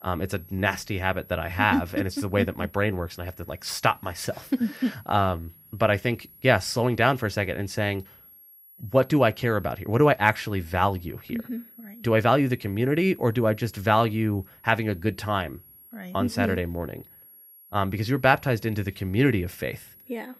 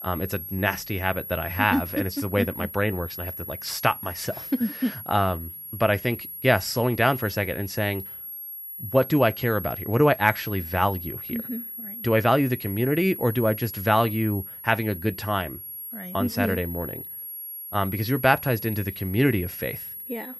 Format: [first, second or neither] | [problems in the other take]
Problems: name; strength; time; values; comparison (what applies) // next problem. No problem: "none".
first | high-pitched whine; loud; throughout; 11.5 kHz, 10 dB below the speech; faint in the first